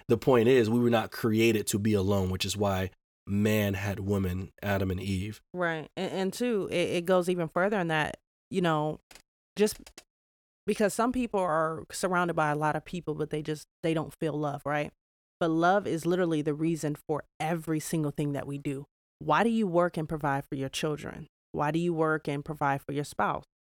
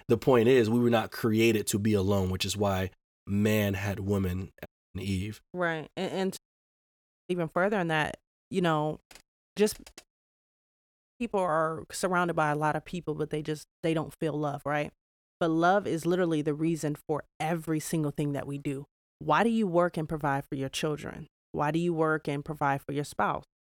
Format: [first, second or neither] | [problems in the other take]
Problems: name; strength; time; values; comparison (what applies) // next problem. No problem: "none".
first | audio cutting out; at 4.5 s, at 6.5 s for 1 s and at 10 s for 1 s